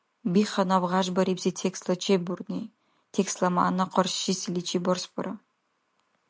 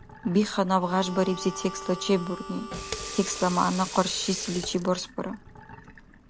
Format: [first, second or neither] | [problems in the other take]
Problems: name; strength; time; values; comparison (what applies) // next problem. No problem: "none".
first | background sound (Sink (filling or washing) / Water tap, faucet + Harmonica); 11 dB below the speech